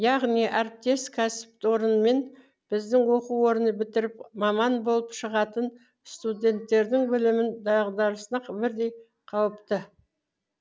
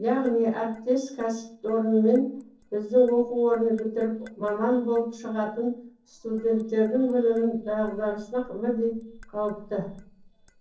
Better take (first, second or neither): first